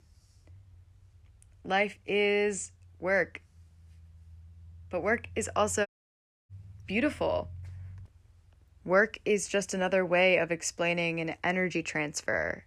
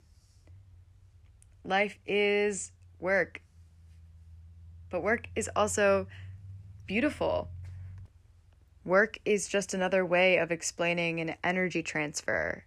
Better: second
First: audio cutting out; at 6 s for 0.5 s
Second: none

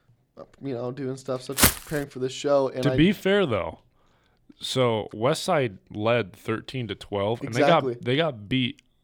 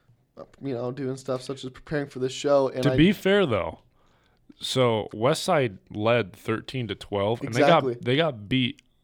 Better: second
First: footsteps; loud; at 1.5 s; peak 6 dB above the speech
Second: none

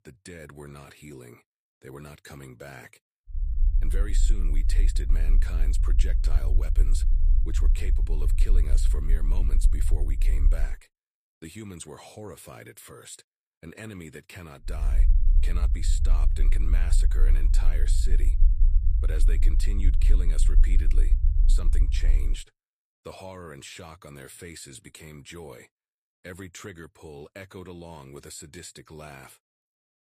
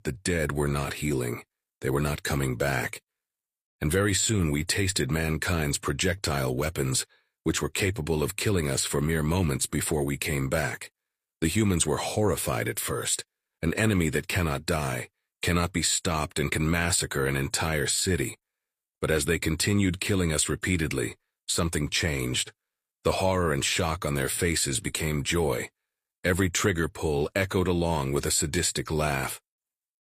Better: second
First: low rumble; loud; from 3.5 to 11 s and from 15 to 22 s; 7 dB below the speech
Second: none

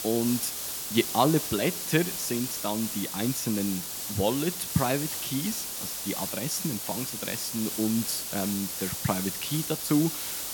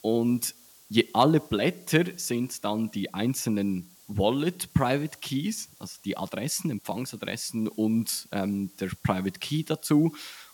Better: second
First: hiss; loud; throughout; 2 dB below the speech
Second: hiss; faint; throughout; 25 dB below the speech

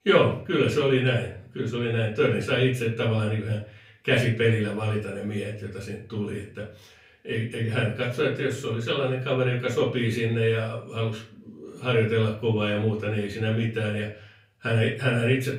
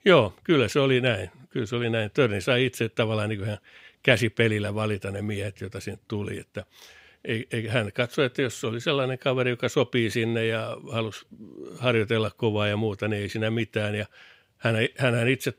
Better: second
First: room echo; slight; dies away in 0.4 s // off-mic speech; far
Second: none

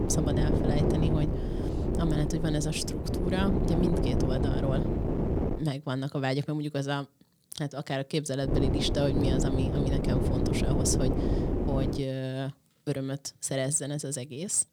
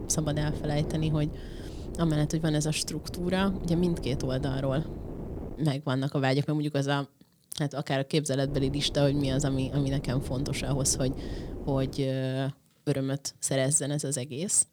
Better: second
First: wind noise on the microphone; heavy; until 5.5 s and from 8.5 to 12 s; as loud as the speech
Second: wind noise on the microphone; occasional gusts; until 5.5 s and from 8.5 to 12 s; 10 dB below the speech

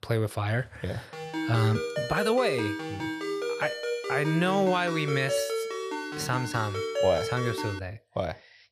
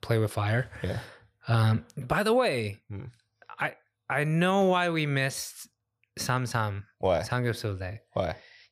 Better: second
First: phone ringing; loud; from 1 to 8 s; peak 1 dB above the speech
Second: none

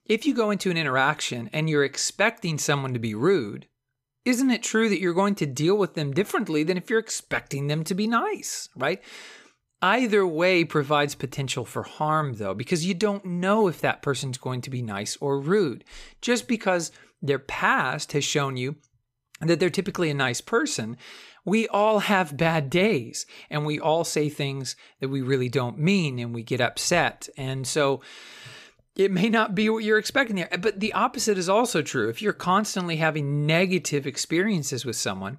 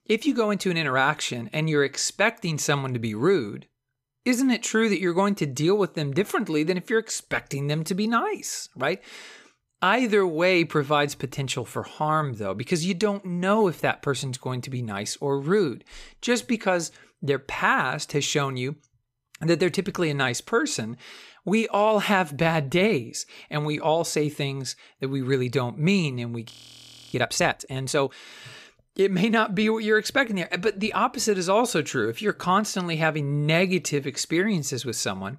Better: first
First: none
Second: audio freezing; at 27 s for 0.5 s

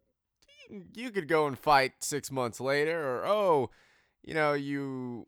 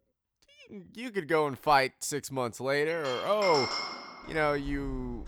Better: first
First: none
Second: household noises; loud; from 3.5 s on; 7 dB below the speech

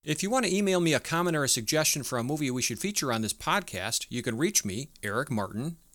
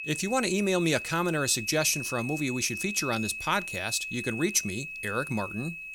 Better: first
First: none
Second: high-pitched whine; loud; throughout; 2.5 kHz, 7 dB below the speech

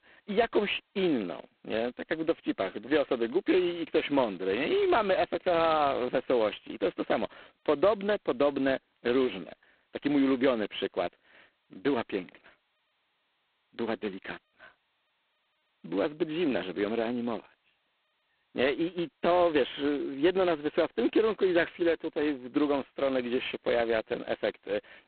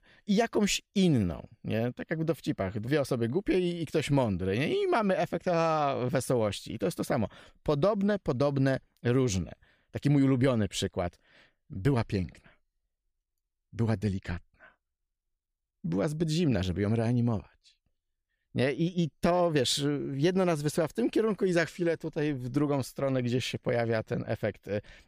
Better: second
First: phone-call audio; poor line; nothing above 4 kHz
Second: none

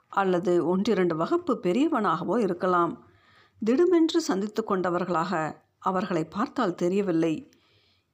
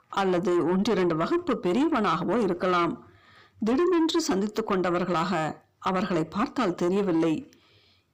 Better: first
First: none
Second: distortion; slight; 10 dB below the speech

